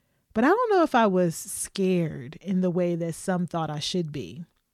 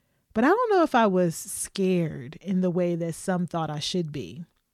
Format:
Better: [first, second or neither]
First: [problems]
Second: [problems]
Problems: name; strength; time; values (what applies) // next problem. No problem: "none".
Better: neither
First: none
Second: none